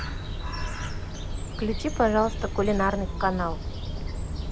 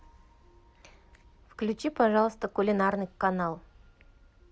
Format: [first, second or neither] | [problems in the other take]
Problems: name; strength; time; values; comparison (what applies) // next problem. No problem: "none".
second | background sound (Bird); 2 dB below the speech